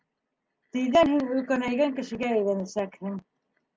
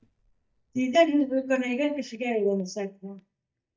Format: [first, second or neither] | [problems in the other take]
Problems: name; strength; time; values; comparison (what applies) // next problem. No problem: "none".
first | noise reduction (neural mask model DeepFilterNet 3)